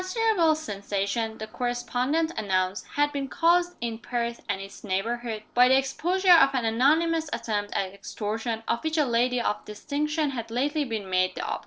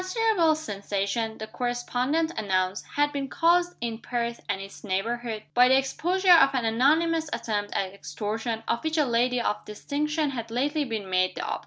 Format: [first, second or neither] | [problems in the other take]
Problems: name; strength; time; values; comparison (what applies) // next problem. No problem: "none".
second | noise reduction (neural separator model SepFormer DNS4)